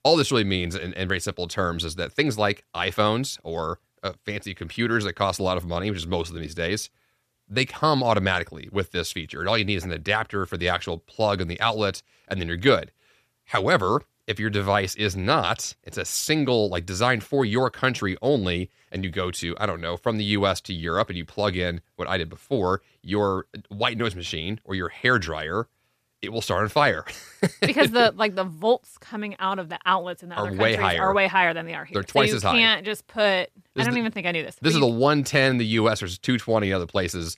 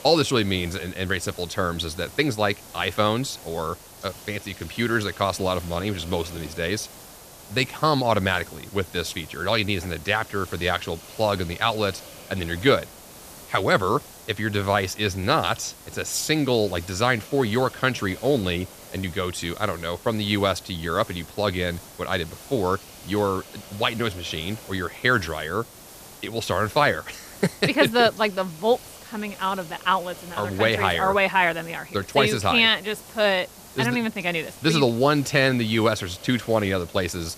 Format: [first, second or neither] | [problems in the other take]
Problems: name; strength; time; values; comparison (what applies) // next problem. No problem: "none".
first | hiss; noticeable; throughout; 20 dB below the speech